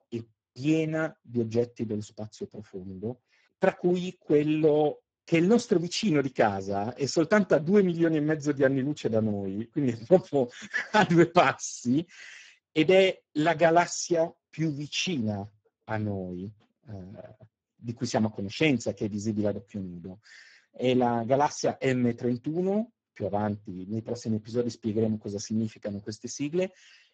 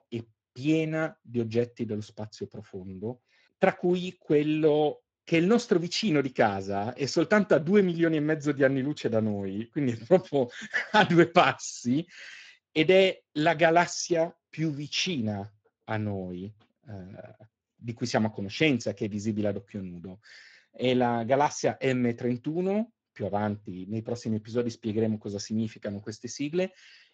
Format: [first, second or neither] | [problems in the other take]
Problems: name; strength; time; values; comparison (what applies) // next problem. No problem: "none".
second | garbled, watery; badly; nothing above 7.5 kHz; slightly in the second